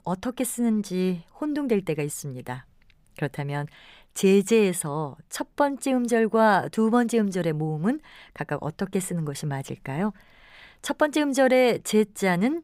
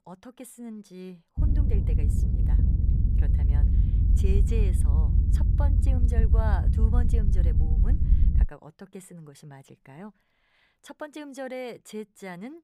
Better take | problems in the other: first | low rumble; loud; from 1.5 to 8.5 s; 1 dB below the speech

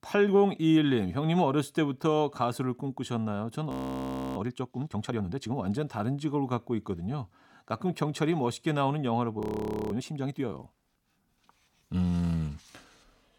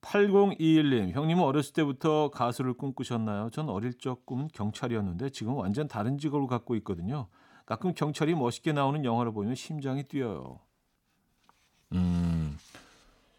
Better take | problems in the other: second | audio freezing; at 3.5 s for 0.5 s and at 9.5 s for 0.5 s

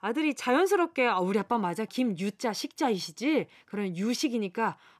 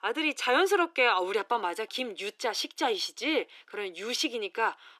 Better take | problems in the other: first | thin; somewhat; fading below 350 Hz

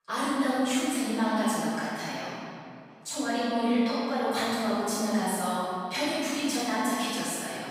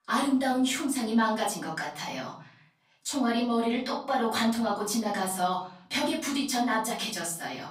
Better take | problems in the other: second | room echo; strong; dies away in 2.5 s; slight in the second // off-mic speech; far; far in the second

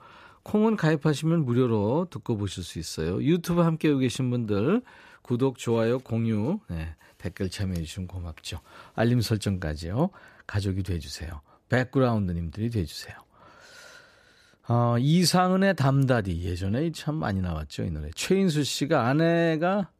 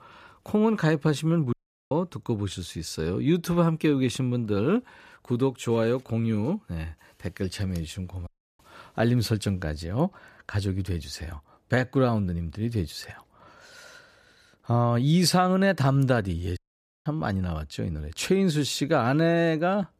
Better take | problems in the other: first | audio cutting out; at 1.5 s, at 8.5 s and at 17 s

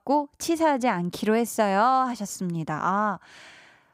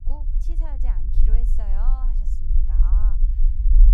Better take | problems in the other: first | low rumble; loud; throughout; 2 dB below the speech

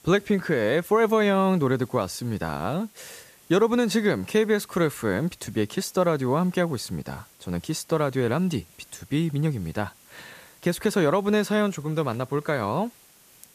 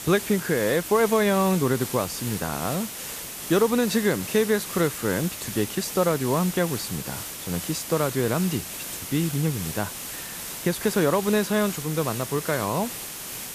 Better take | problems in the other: first | hiss; loud; throughout; 7 dB below the speech; faint in the first

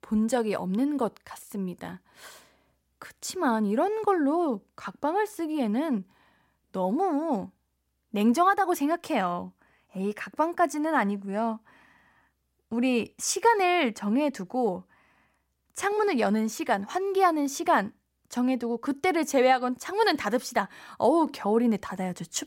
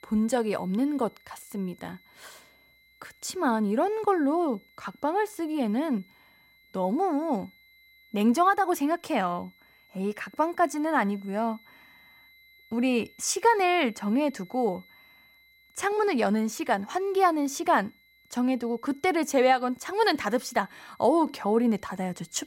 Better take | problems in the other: first | high-pitched whine; faint; throughout; 2 kHz, 30 dB below the speech

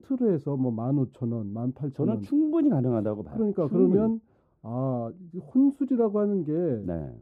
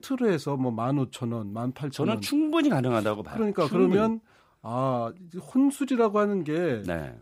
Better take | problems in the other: second | muffled; very; fading above 1 kHz

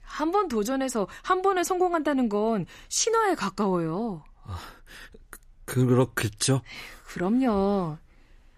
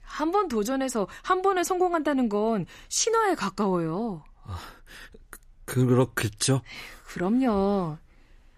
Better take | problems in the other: neither | none

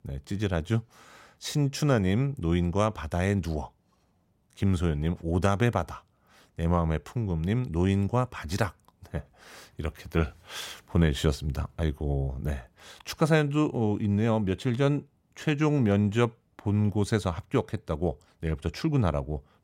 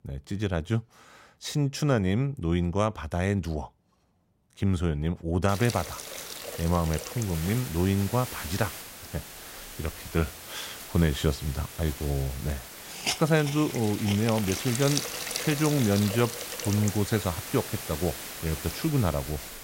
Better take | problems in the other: first | hiss; loud; from 5.5 s on; 7 dB below the speech

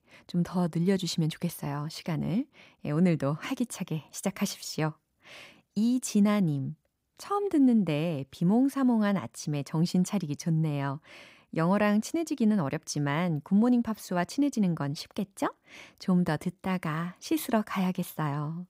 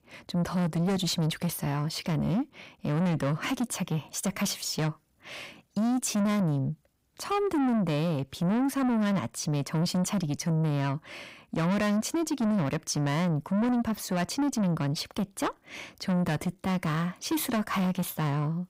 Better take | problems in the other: first | distortion; heavy; 8 dB below the speech

